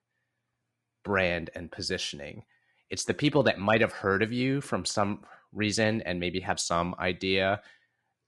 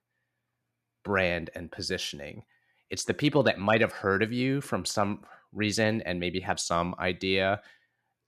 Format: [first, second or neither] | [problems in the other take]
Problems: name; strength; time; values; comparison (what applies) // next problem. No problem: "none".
second | garbled, watery; slightly; nothing above 10.5 kHz